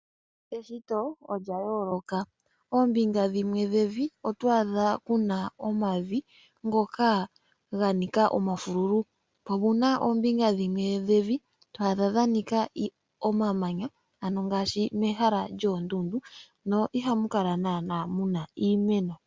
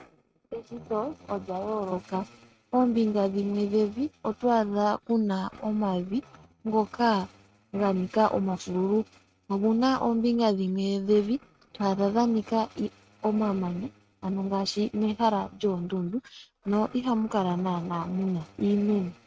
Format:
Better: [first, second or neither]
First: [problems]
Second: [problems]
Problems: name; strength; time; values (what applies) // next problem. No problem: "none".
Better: first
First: none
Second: noise reduction (neural mask model RNNoise)